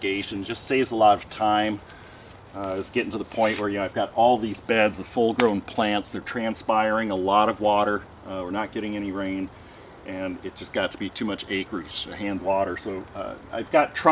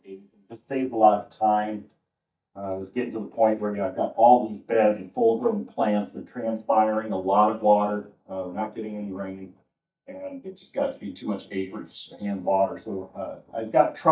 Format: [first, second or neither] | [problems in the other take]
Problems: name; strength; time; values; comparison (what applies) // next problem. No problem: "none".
first | noise reduction (neural mask model DeepFilterNet 3)